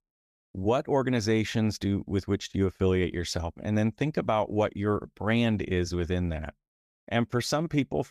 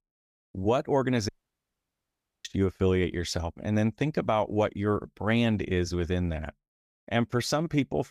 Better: first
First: none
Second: audio cutting out; at 1.5 s for 1 s

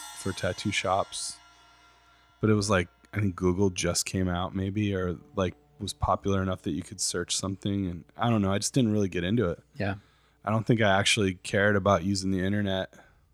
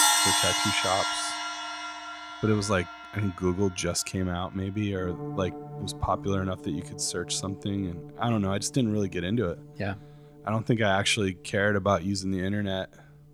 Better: first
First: background music; faint; throughout; 25 dB below the speech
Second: background music; loud; throughout; 1 dB below the speech

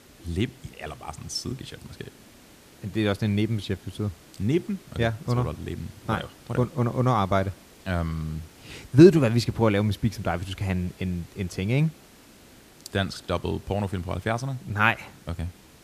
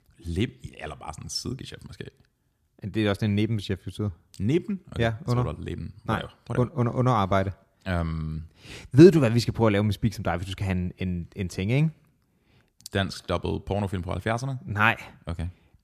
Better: second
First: hiss; faint; throughout; 25 dB below the speech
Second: none

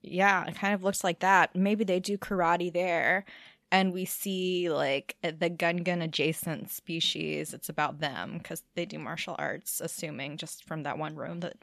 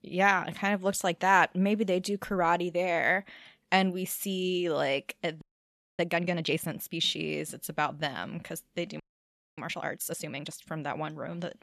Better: first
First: none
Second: audio freezing; at 5.5 s for 0.5 s and at 9 s for 0.5 s

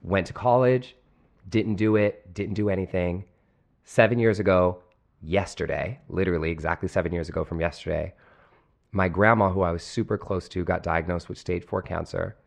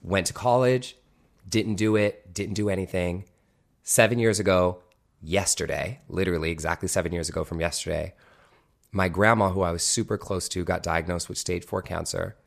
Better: second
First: muffled; very; fading above 2.5 kHz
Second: none

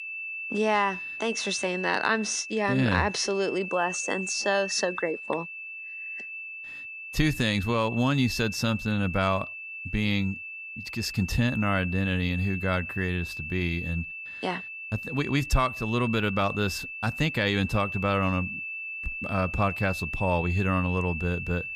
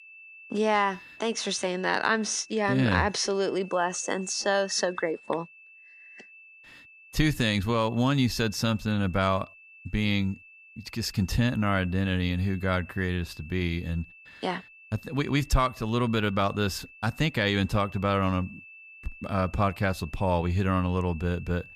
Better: second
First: high-pitched whine; loud; throughout; 2.5 kHz, 7 dB below the speech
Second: high-pitched whine; faint; throughout; 2.5 kHz, 20 dB below the speech

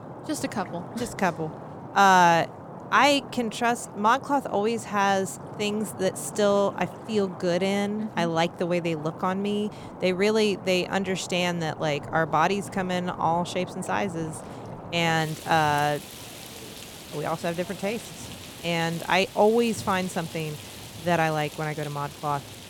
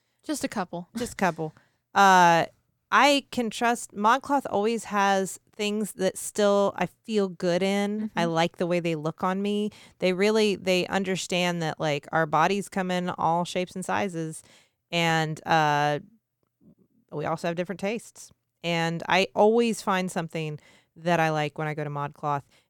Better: second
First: rain or running water; noticeable; throughout; 15 dB below the speech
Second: none

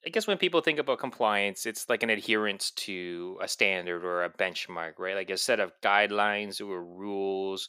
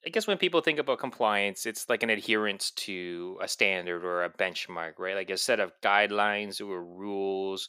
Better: neither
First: thin; somewhat; fading below 350 Hz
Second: thin; somewhat; fading below 350 Hz

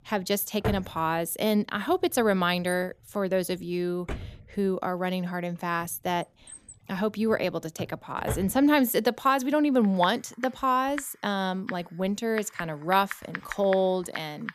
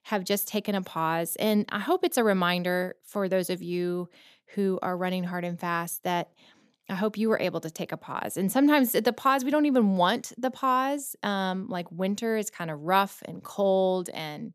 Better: second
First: household noises; noticeable; throughout; 10 dB below the speech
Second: none

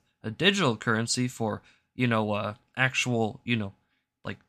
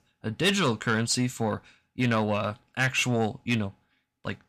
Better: first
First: none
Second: distortion; slight; 10 dB below the speech

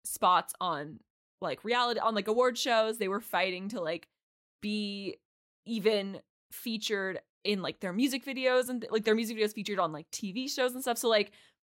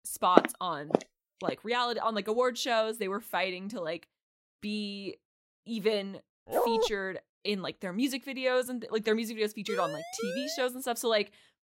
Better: first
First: none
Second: footsteps; loud; until 1.5 s; peak 6 dB above the speech // dog barking; loud; at 6.5 s; peak 4 dB above the speech // siren; noticeable; from 9.5 to 11 s; peak 5 dB below the speech

